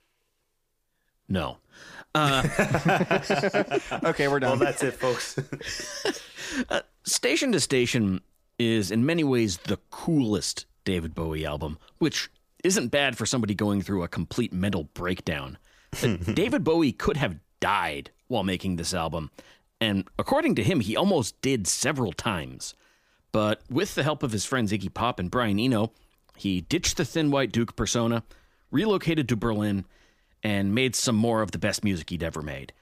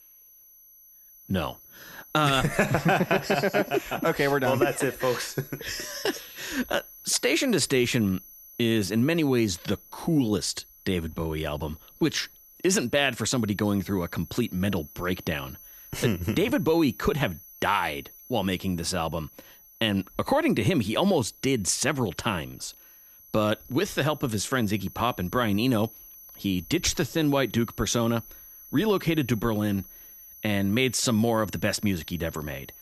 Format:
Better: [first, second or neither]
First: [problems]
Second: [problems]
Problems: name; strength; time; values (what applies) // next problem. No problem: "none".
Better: first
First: none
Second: high-pitched whine; noticeable; throughout; 11.5 kHz, 20 dB below the speech